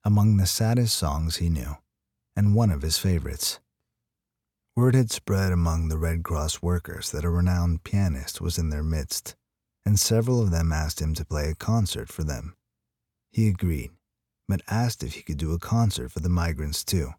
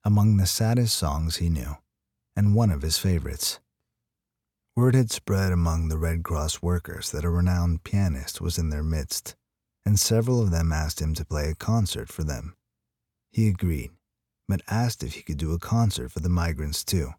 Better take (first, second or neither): neither